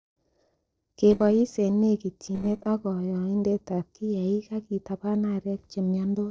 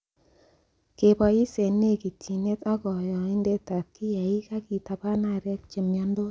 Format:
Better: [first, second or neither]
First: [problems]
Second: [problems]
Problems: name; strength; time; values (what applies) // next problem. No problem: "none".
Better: second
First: noise reduction (neural separator model SepFormer DNS4)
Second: none